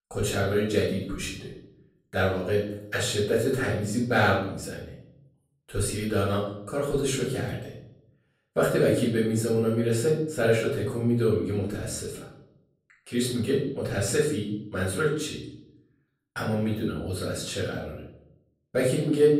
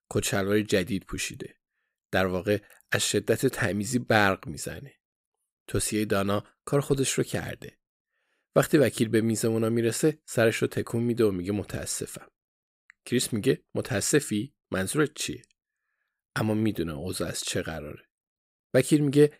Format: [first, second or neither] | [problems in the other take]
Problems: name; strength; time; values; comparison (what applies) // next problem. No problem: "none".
second | room echo; noticeable; dies away in 0.7 s // off-mic speech; far